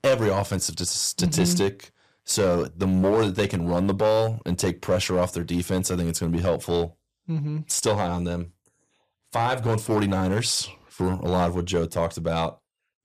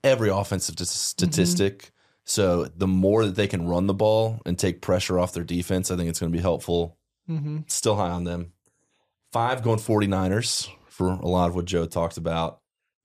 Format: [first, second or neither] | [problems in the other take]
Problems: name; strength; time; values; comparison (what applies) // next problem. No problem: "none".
second | distortion; slight; 4% of the sound clipped